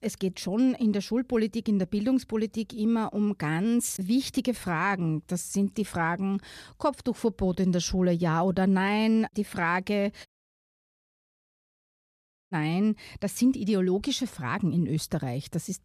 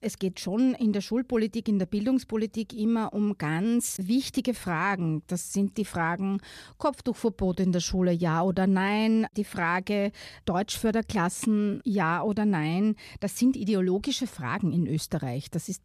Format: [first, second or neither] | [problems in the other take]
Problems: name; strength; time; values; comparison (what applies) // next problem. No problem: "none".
second | audio cutting out; at 10 s for 2.5 s